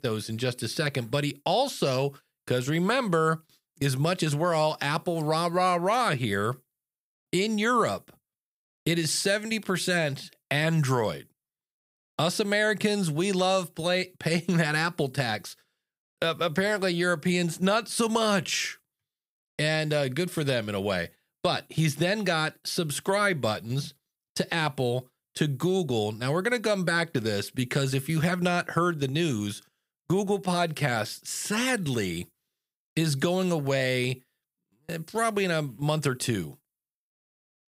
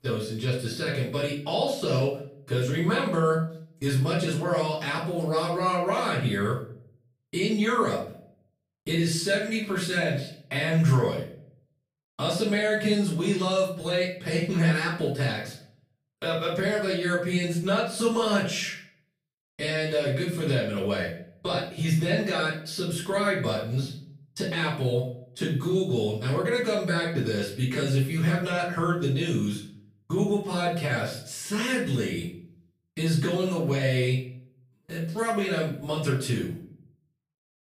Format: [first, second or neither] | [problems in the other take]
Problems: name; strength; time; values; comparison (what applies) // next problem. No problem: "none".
first | off-mic speech; far // room echo; noticeable; dies away in 0.5 s